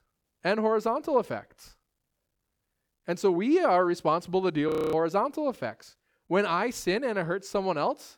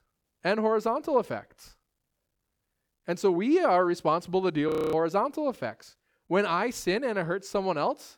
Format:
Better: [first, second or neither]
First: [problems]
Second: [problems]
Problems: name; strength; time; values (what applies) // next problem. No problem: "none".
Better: neither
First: audio freezing; at 4.5 s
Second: audio freezing; at 4.5 s